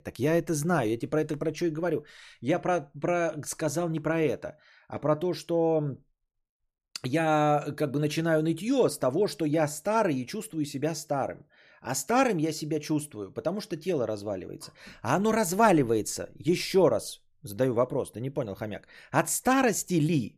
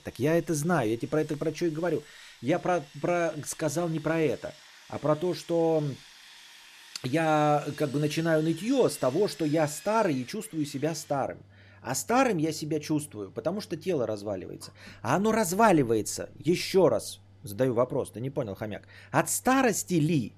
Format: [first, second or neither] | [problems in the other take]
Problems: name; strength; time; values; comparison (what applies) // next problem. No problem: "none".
first | machinery noise; faint; throughout; 25 dB below the speech